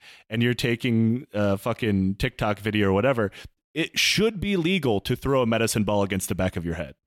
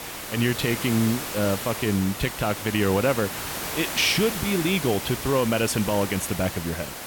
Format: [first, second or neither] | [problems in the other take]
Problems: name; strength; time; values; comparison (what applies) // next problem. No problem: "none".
first | hiss; loud; throughout; 6 dB below the speech